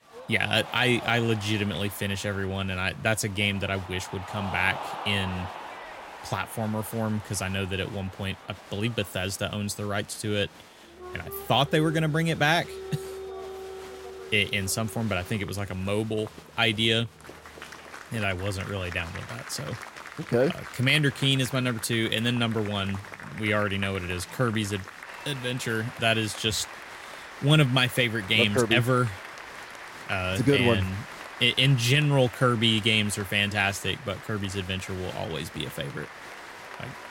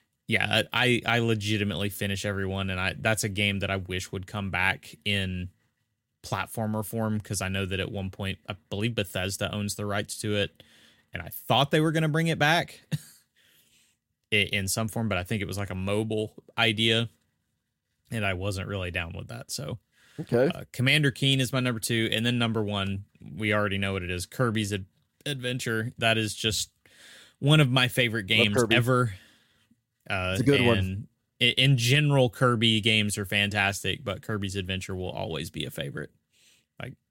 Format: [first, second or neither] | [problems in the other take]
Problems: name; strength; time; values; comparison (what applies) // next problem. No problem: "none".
second | crowd noise; noticeable; throughout; 15 dB below the speech